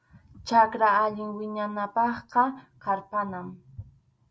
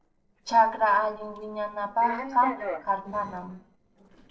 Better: first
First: none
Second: noise reduction (neural separator model SepFormer DNS4)

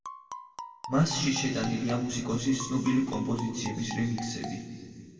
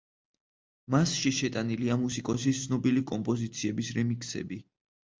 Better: second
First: background sound (Marimba, xylophone); 14 dB below the speech // room echo; dies away in 2.4 s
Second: none

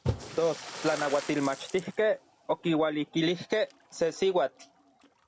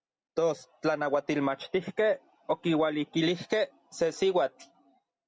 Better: second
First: background sound (Splash, splatter); 12 dB below the speech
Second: none

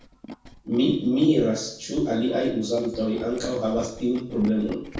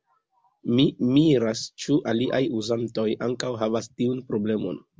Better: second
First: background sound (Tools); 16 dB below the speech // room echo; dies away in 0.6 s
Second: none

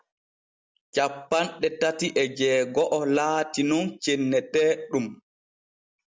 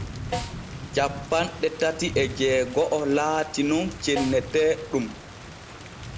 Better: first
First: none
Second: background sound (Thunder / Rain + Snare drum); 10 dB below the speech

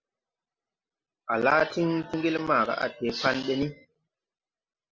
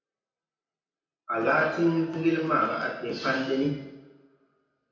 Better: first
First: none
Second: room echo; dies away in 0.9 s

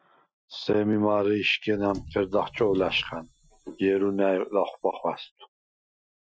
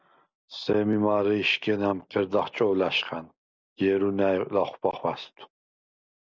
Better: second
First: noise reduction (classical method Wiener filter)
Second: none

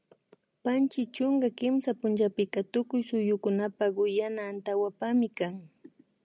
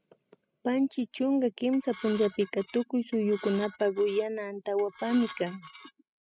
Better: first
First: none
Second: noise reduction (classical method spectral subtraction)

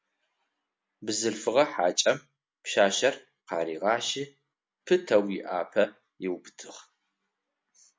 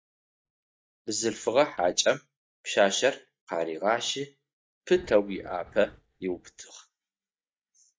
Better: first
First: none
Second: noise reduction (neural mask model DeepFilterNet 3)

